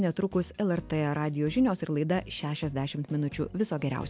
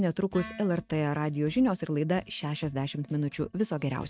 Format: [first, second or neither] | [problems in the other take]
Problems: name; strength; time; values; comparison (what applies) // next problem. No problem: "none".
first | noise reduction (neural mask model RNNoise)